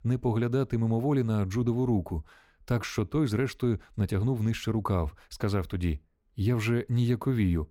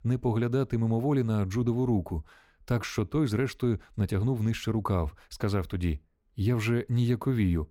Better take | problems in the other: neither | none

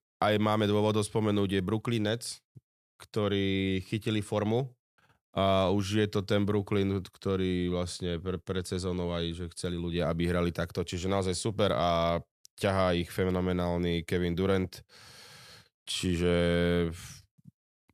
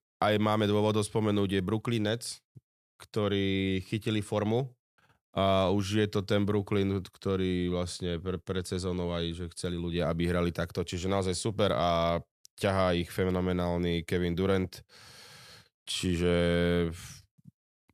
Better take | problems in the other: neither | none

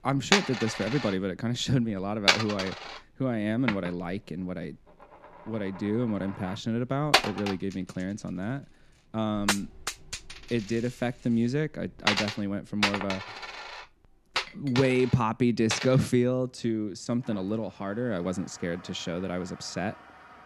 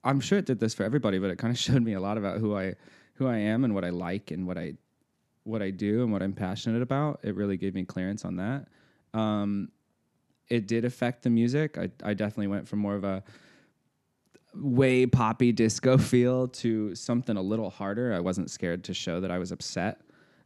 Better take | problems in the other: second | household noises; very loud; throughout; as loud as the speech

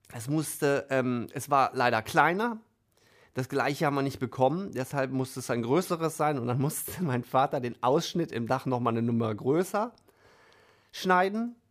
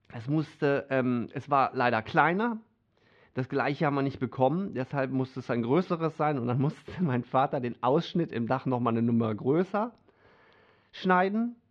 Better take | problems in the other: first | muffled; slightly; fading above 4 kHz

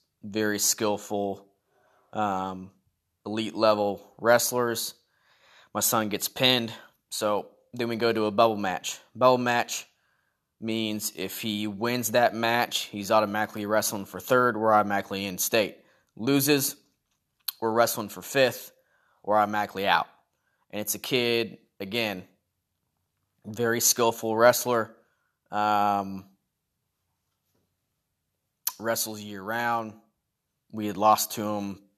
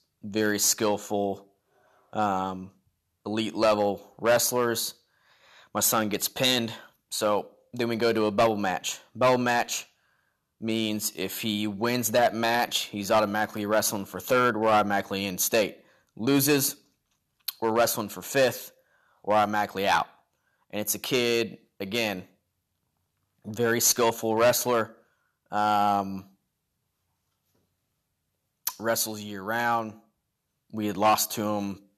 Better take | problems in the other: first | distortion; slight; 2% of the sound clipped

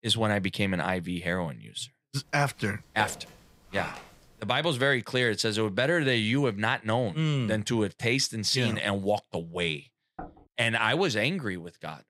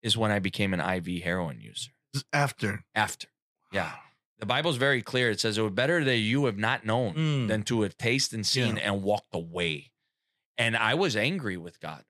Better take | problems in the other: second | footsteps; faint; from 3 to 4 s; peak 10 dB below the speech // door banging; faint; at 10 s; peak 20 dB below the speech

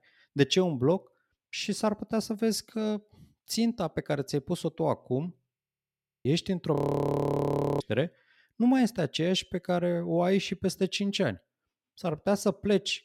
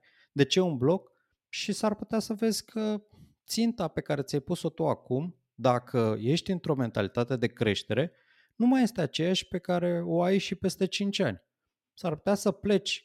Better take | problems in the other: second | audio freezing; at 5.5 s for 0.5 s and at 7 s for 1 s

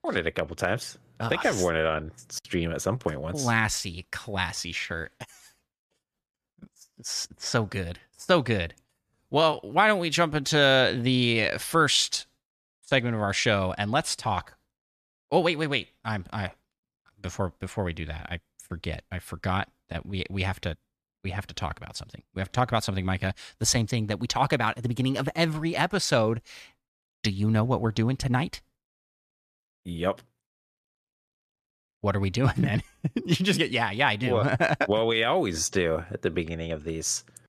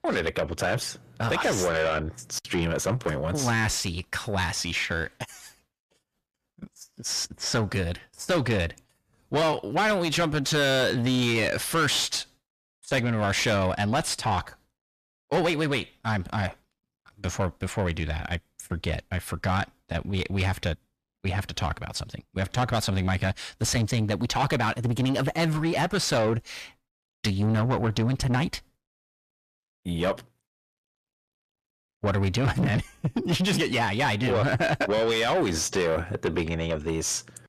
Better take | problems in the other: first | distortion; heavy; 7 dB below the speech

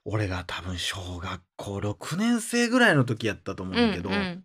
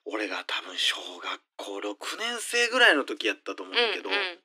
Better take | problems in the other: first | thin; very; fading below 300 Hz

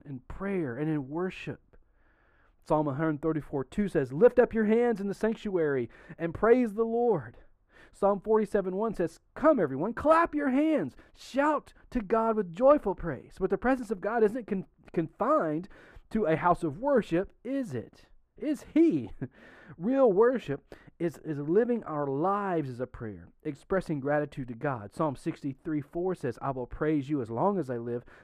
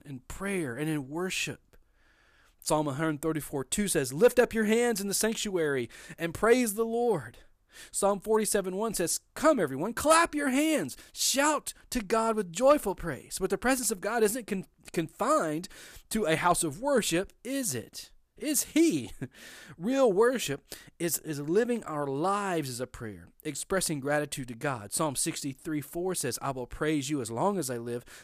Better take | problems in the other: second | muffled; very; fading above 3 kHz

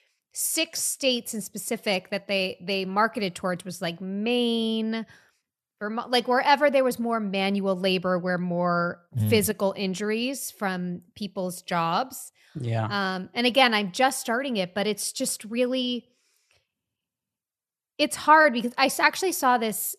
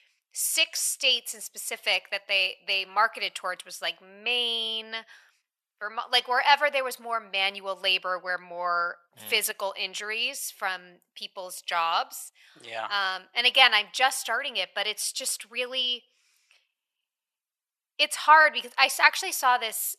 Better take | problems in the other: first | thin; very; fading below 900 Hz

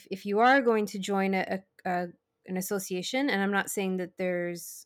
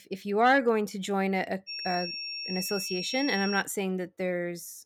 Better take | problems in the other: first | high-pitched whine; loud; from 1.5 to 3.5 s; 5.5 kHz, 5 dB below the speech

